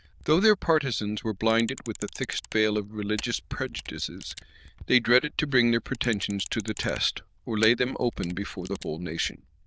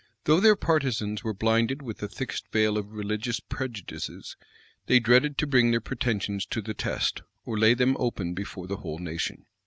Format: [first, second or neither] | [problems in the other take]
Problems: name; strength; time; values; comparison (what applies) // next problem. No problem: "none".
second | noise reduction (neural diffusion model UNIVERSE++)